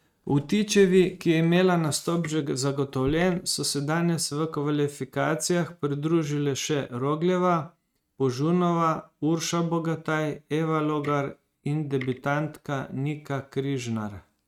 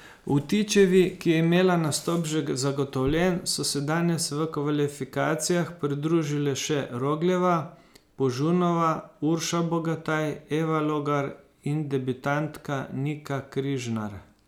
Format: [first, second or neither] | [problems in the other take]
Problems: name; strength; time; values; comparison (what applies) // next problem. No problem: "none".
second | noise reduction (neural mask model RNNoise)